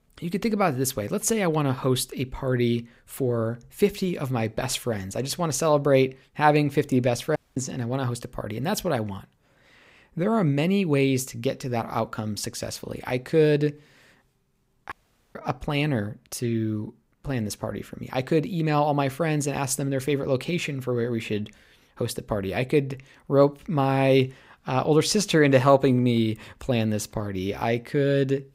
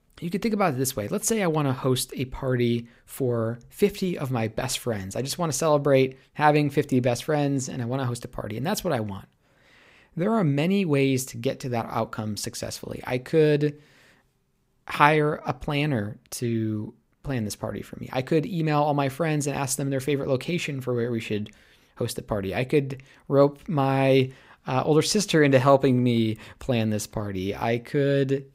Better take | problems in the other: second | audio cutting out; at 7.5 s and at 15 s

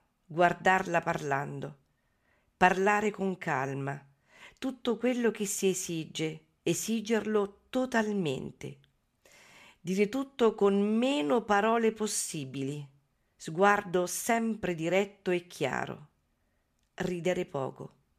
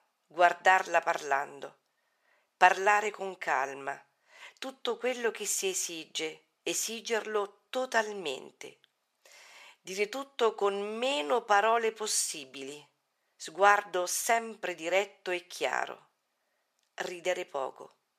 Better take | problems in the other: first | thin; very; fading below 600 Hz

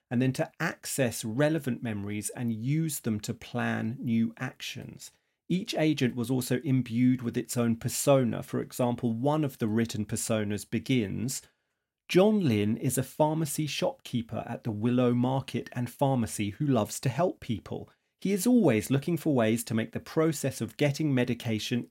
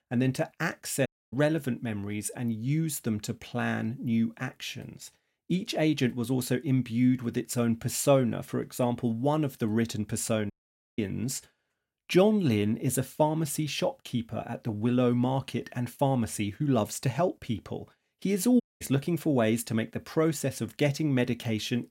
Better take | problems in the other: first | audio cutting out; at 1 s, at 11 s and at 19 s

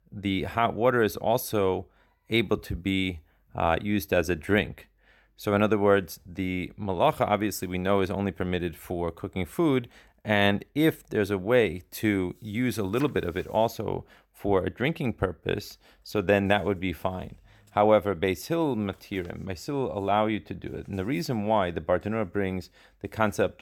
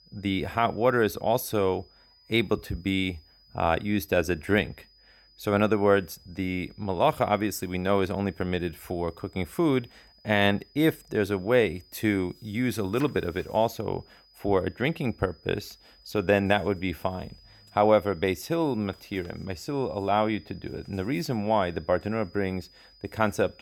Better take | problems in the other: first | high-pitched whine; faint; throughout; 5 kHz, 30 dB below the speech

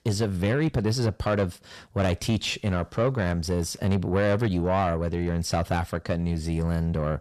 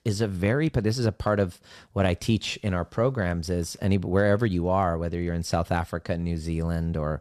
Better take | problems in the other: second | distortion; slight; 10 dB below the speech

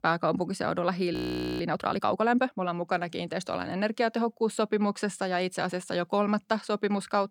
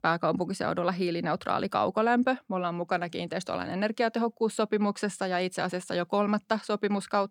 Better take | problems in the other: second | audio freezing; at 1 s

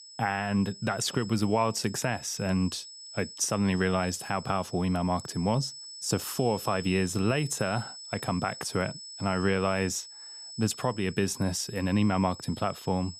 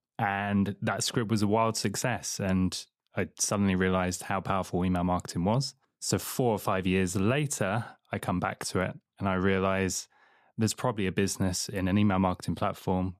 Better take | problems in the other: second | high-pitched whine; noticeable; throughout; 5.5 kHz, 15 dB below the speech

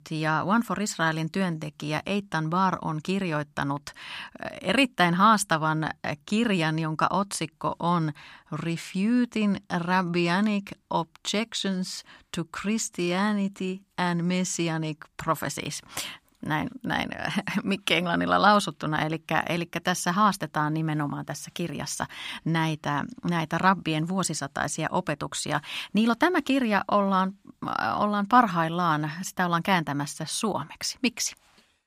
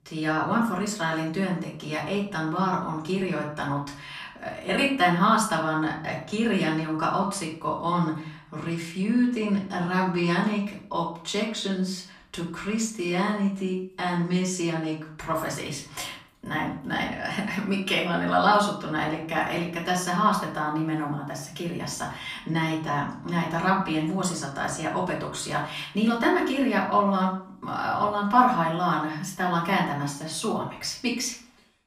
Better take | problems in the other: first | off-mic speech; far // room echo; slight; dies away in 0.4 s

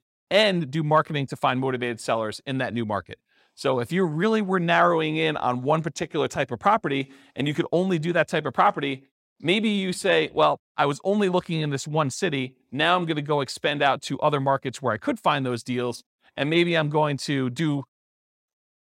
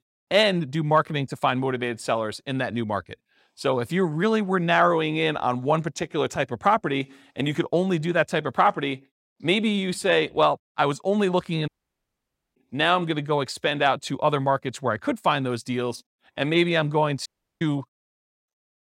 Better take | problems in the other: first | audio cutting out; at 12 s for 1 s and at 17 s

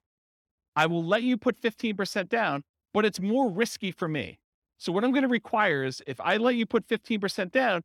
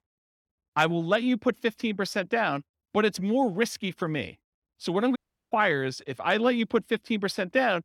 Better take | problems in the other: first | audio cutting out; at 5 s

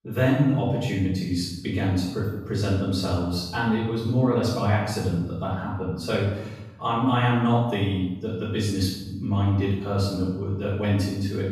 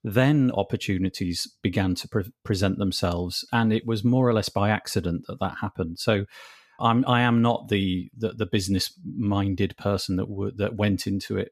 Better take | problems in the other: second | off-mic speech; far // room echo; strong; dies away in 1.1 s

